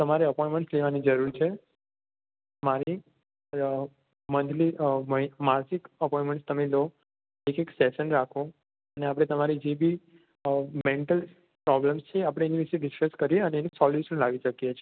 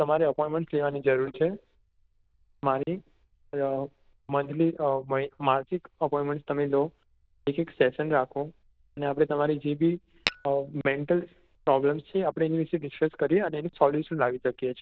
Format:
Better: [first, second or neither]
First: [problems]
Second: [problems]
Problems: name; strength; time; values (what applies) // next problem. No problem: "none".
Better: first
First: none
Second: noise reduction (neural diffusion model UNIVERSE++)